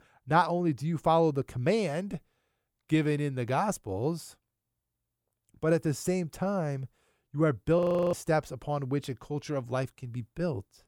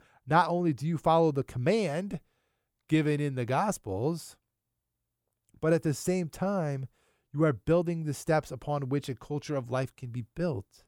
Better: second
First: audio freezing; at 8 s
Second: none

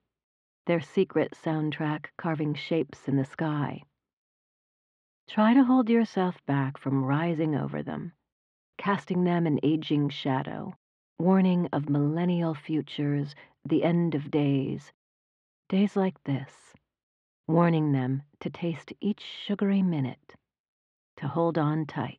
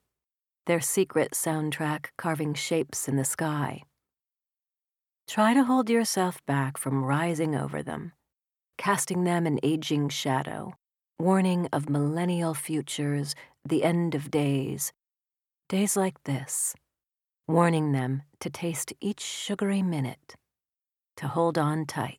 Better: second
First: muffled; very; fading above 3.5 kHz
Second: none

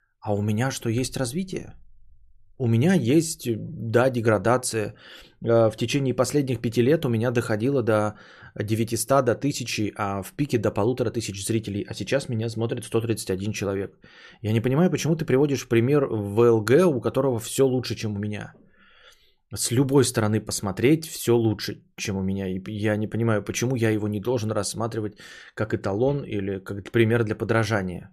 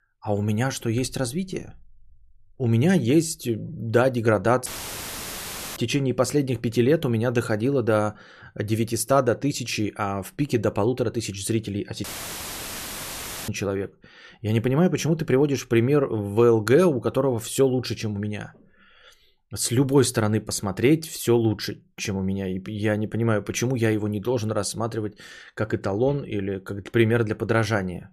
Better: first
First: none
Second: audio cutting out; filled with static; at 4.5 s for 1 s and at 12 s for 1.5 s

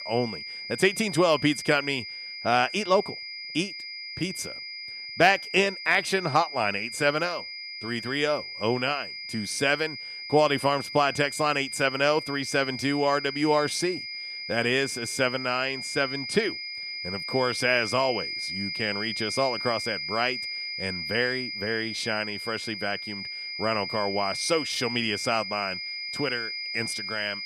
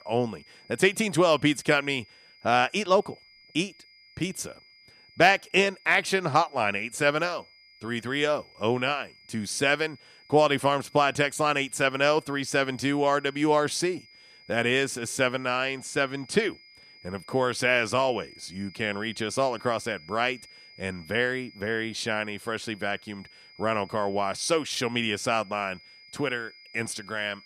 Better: second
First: high-pitched whine; loud; throughout; 5 kHz, 6 dB below the speech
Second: high-pitched whine; faint; throughout; 5 kHz, 25 dB below the speech

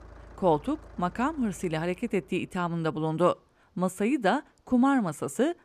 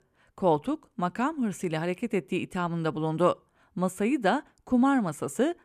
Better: second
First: traffic noise; faint; throughout; 25 dB below the speech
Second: none

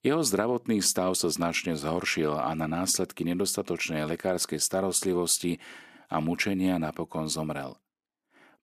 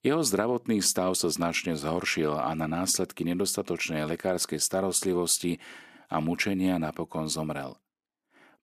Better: neither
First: none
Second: none

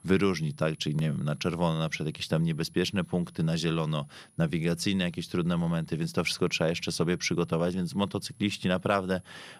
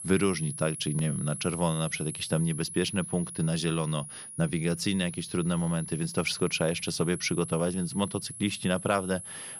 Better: first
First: high-pitched whine; faint; throughout; 10.5 kHz, 30 dB below the speech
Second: high-pitched whine; loud; throughout; 10.5 kHz, 9 dB below the speech

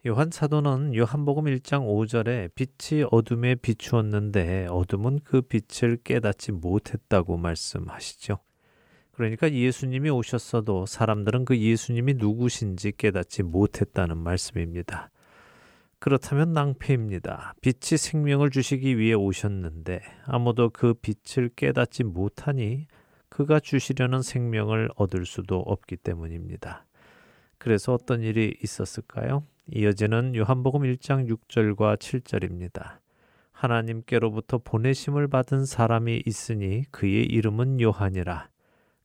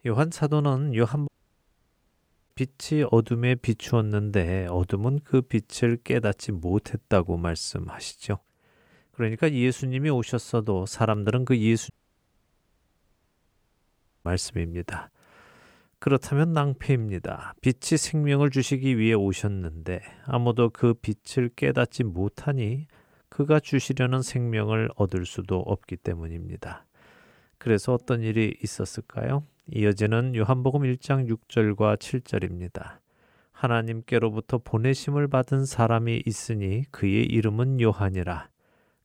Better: first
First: none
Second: audio cutting out; at 1.5 s for 1 s and at 12 s for 2.5 s

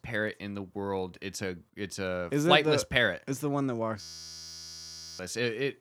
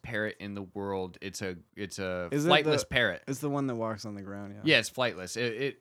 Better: second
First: audio freezing; at 4 s for 1 s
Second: none

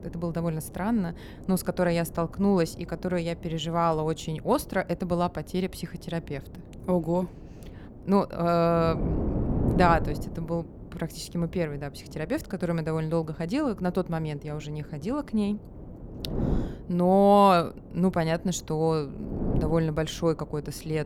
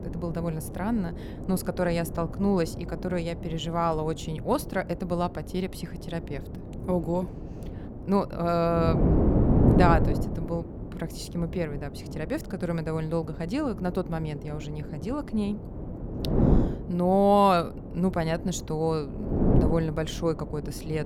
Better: first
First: wind noise on the microphone; occasional gusts; 15 dB below the speech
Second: wind noise on the microphone; heavy; 8 dB below the speech

